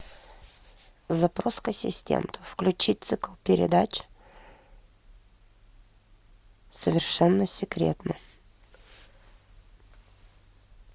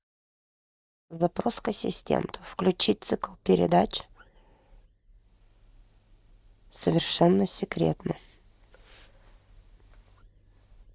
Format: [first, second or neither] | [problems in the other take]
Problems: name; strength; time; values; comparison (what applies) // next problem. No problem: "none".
first | noise reduction (neural mask model DeepFilterNet 3)